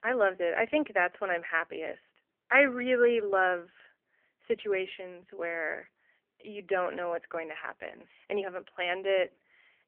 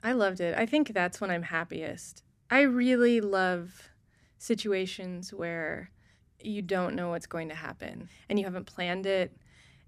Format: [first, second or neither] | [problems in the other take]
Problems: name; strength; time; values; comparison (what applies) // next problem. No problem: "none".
second | phone-call audio; poor line; nothing above 3 kHz